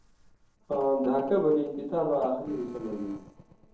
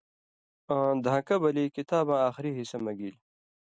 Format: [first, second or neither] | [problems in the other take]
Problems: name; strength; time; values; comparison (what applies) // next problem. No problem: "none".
second | noise reduction (neural separator model SepFormer DNS4)